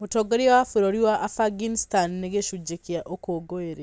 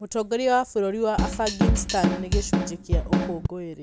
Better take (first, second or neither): first